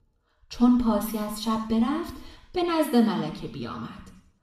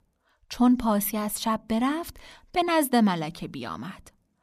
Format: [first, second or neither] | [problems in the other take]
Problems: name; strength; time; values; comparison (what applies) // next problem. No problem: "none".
second | room echo; noticeable; dies away in 0.7 s // off-mic speech; somewhat distant